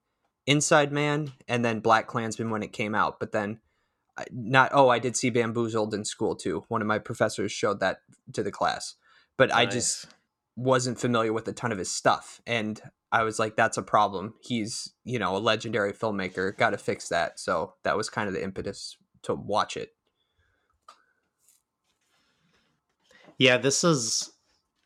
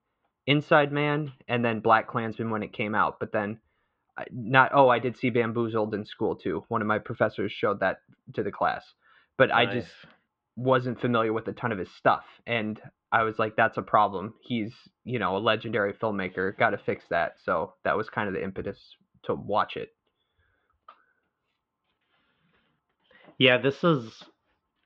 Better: first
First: none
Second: muffled; very; fading above 3.5 kHz

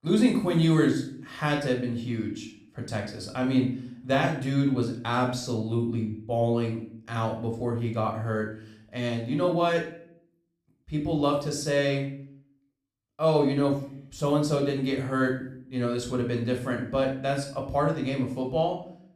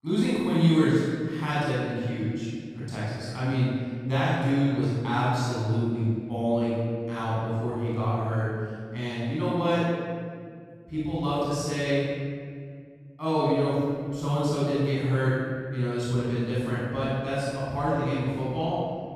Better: first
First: room echo; slight; dies away in 0.5 s // off-mic speech; somewhat distant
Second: room echo; strong; dies away in 2.2 s // off-mic speech; far

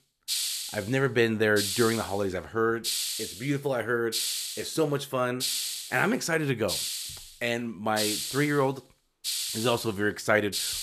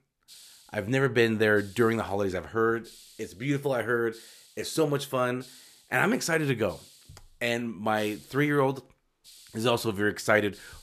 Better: second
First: hiss; loud; throughout; 3 dB below the speech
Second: hiss; faint; throughout; 25 dB below the speech

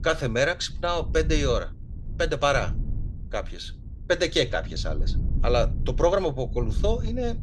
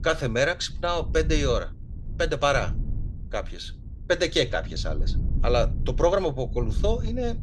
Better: neither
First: low rumble; faint; throughout; 20 dB below the speech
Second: low rumble; faint; throughout; 20 dB below the speech

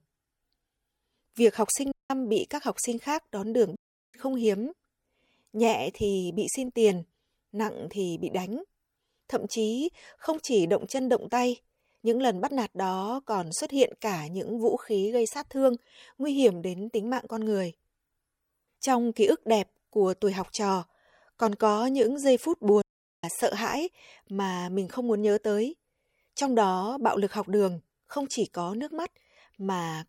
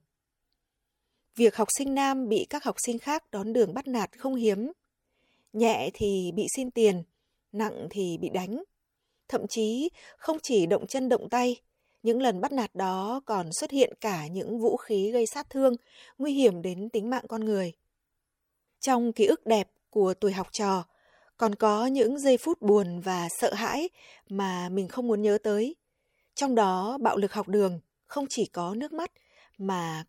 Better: second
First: audio cutting out; at 2 s, at 4 s and at 23 s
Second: none

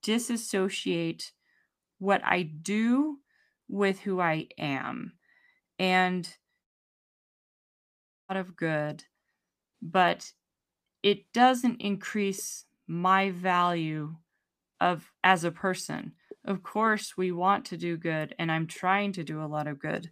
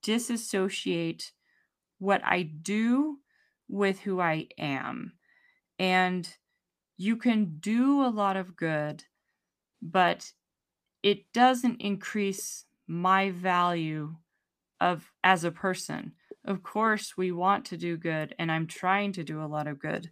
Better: second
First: audio cutting out; at 6.5 s for 1.5 s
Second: none

